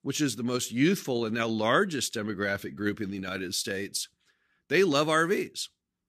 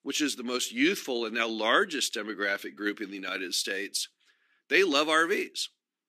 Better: first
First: none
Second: thin; very slightly; fading below 250 Hz

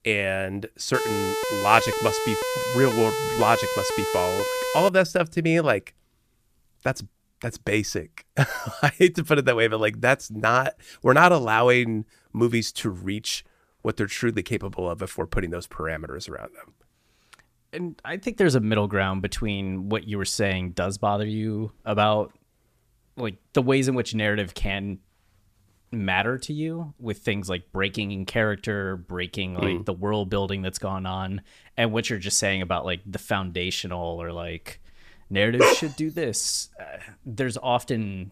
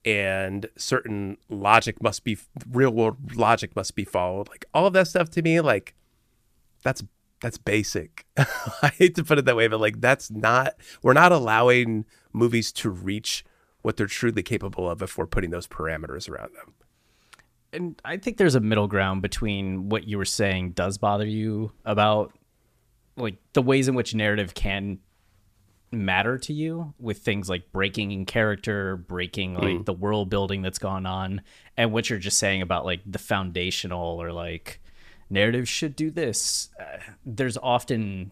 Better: second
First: siren; noticeable; from 1 to 5 s; peak 1 dB below the speech // dog barking; loud; at 36 s; peak 6 dB above the speech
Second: none

